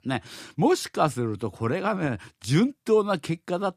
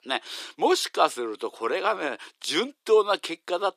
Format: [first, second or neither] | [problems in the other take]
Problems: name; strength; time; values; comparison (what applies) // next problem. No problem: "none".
first | thin; very; fading below 400 Hz